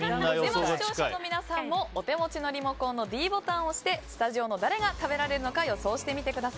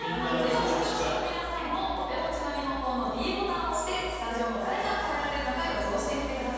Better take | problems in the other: first | room echo; dies away in 2.1 s

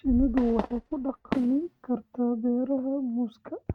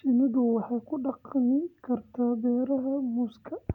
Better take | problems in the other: second | noise reduction (neural mask model RNNoise)

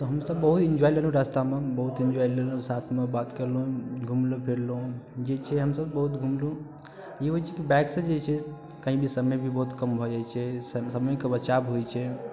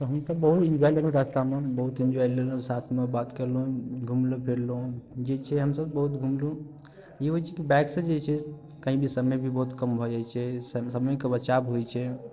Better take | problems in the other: first | noise reduction (neural separator model SepFormer DNS4)

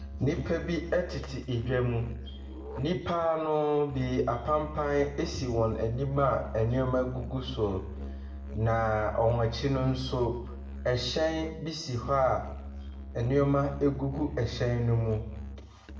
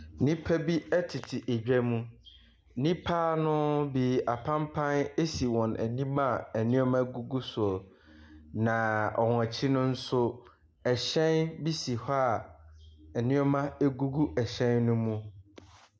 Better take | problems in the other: second | background sound (Musical instrument); 10 dB below the speech // room echo; dies away in 0.7 s

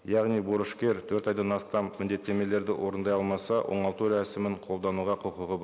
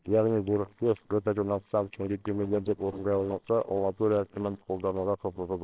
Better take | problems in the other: first | noise reduction (neural separator model SepFormer WHAMR!)

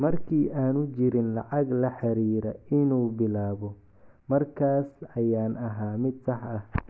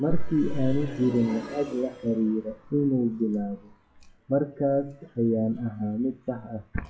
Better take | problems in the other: first | noise reduction (classical method WPE with log-MMSE)

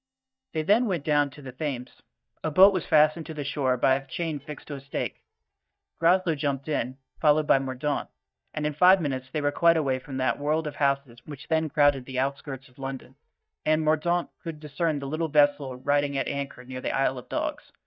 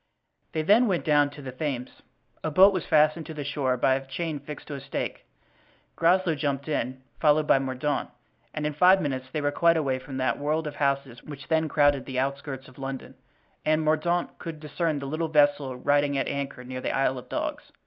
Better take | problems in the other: second | noise reduction (neural mask model DeepFilterNet 3)

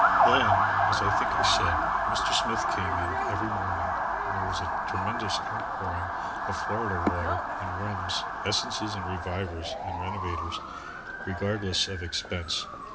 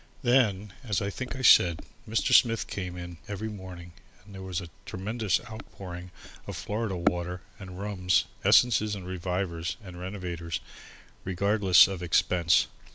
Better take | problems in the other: second | background sound (Motor vehicle (road) / Siren); 5 dB above the speech // room echo; dies away in 0.3 s

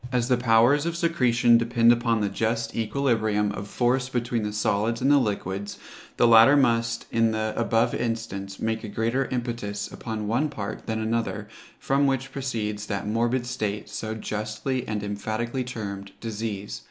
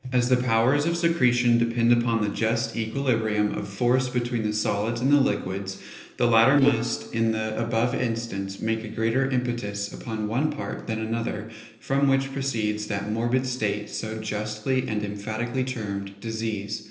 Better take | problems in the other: first | noise reduction (neural separator model SepFormer DNS4)

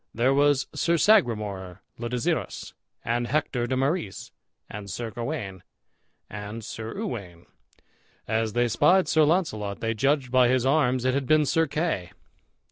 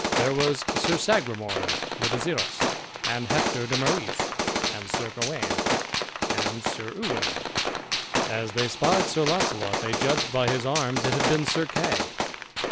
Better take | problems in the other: first | background sound (Gunshot, gunfire); 1 dB above the speech

